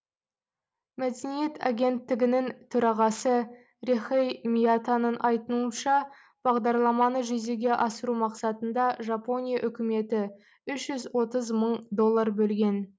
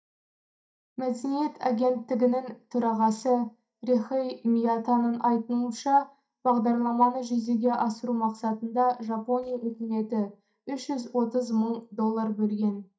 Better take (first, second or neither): first